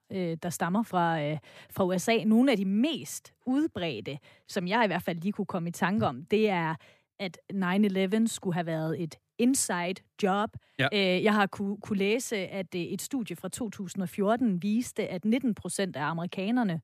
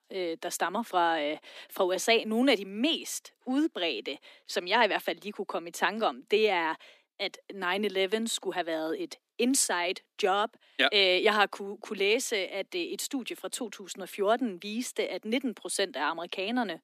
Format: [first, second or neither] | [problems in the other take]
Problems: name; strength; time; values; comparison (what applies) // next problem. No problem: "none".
first | thin; somewhat; fading below 250 Hz